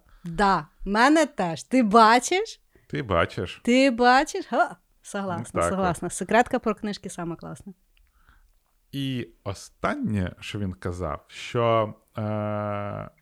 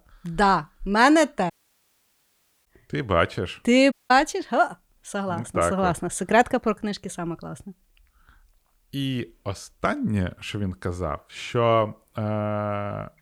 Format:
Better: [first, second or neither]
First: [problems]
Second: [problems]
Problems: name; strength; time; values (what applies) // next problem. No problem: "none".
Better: first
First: none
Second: audio cutting out; at 1.5 s for 1 s and at 4 s